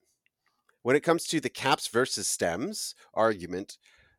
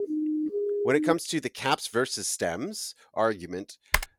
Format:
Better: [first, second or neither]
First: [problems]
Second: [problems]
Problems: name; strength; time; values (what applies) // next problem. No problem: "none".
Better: first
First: none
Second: siren; loud; until 1 s; peak level with the speech // keyboard typing; loud; at 4 s; peak level with the speech